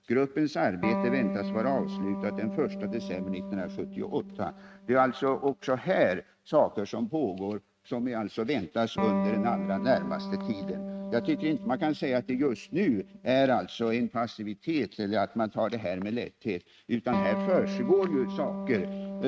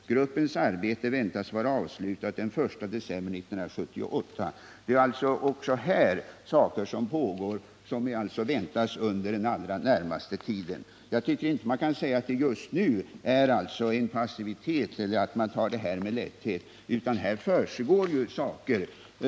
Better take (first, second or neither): second